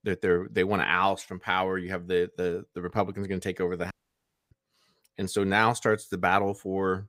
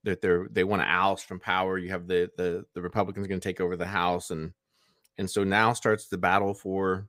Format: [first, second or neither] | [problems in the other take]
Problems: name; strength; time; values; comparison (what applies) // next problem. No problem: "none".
second | audio cutting out; at 4 s for 0.5 s